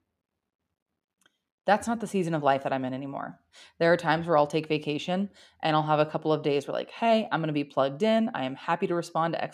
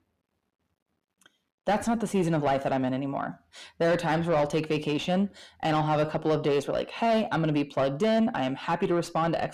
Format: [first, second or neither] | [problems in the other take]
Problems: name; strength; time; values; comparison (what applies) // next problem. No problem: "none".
first | distortion; heavy; 8 dB below the speech